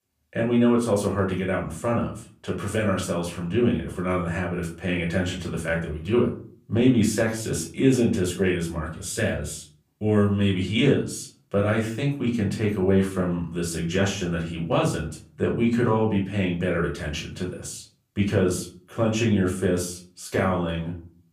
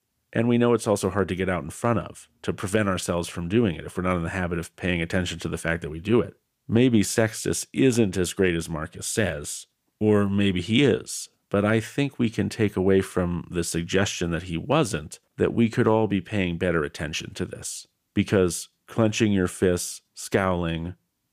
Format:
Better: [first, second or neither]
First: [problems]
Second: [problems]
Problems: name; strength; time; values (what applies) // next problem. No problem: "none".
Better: second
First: off-mic speech; far // room echo; slight; dies away in 0.4 s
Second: none